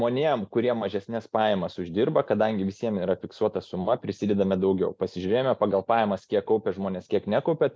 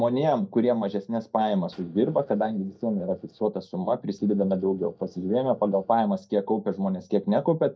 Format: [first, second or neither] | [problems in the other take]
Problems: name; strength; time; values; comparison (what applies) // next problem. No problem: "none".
first | noise reduction (neural mask model DeepFilterNet 3)